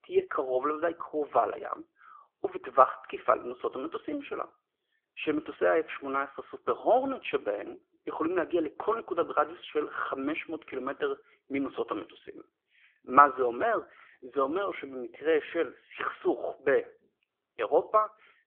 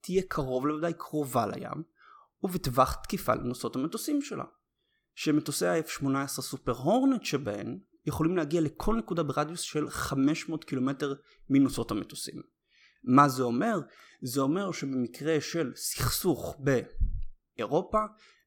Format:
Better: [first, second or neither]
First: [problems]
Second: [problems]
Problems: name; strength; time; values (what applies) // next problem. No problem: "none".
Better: second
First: phone-call audio; poor line; nothing above 3.5 kHz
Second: none